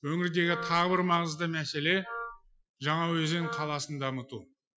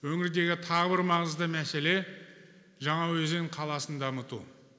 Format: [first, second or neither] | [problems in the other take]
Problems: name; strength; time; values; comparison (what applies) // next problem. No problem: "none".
second | noise reduction (classical method Wiener filter)